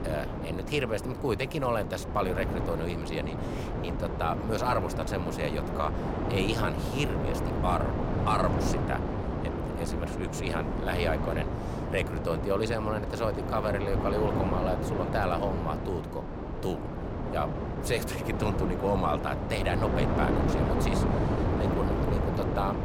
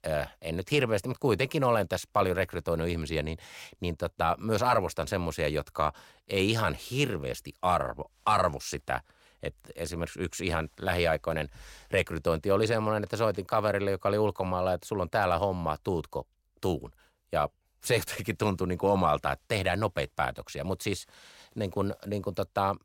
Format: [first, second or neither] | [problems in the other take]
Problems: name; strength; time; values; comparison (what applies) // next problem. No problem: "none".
second | wind noise on the microphone; heavy; 3 dB below the speech